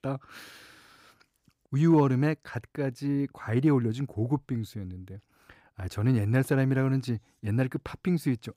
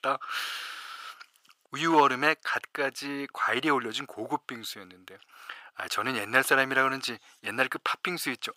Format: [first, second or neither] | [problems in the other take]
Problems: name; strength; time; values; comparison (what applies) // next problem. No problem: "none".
first | thin; very; fading below 750 Hz